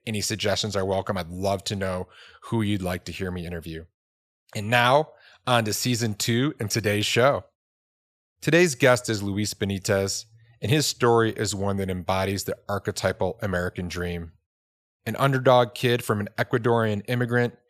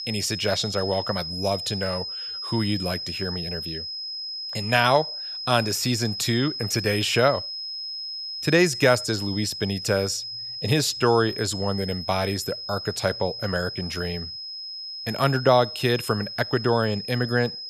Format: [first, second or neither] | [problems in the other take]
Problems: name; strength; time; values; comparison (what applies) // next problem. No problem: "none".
first | high-pitched whine; loud; throughout; 5 kHz, 7 dB below the speech